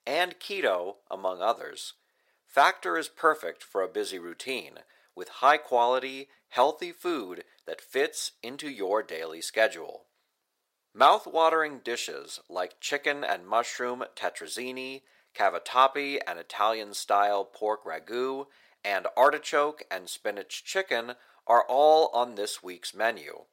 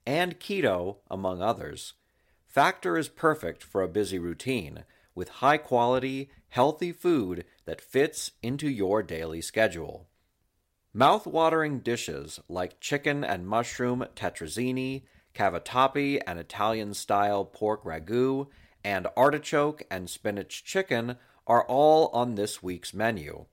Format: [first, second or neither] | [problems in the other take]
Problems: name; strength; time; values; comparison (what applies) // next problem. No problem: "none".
second | thin; somewhat; fading below 550 Hz